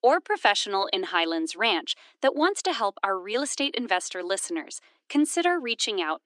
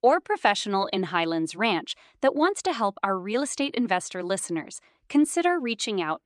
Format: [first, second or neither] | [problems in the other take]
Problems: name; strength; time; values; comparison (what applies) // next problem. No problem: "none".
second | thin; very slightly; fading below 250 Hz